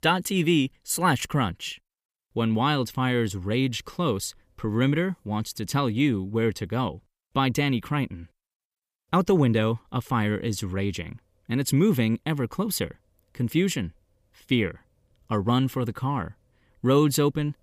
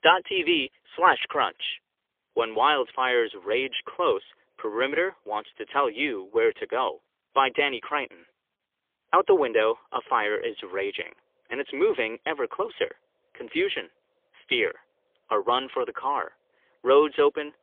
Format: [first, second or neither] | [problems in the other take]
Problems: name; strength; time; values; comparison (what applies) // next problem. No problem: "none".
first | phone-call audio; poor line; nothing above 3.5 kHz